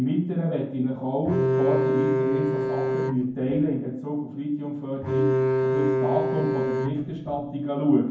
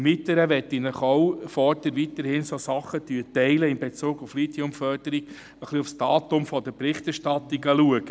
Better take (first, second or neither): second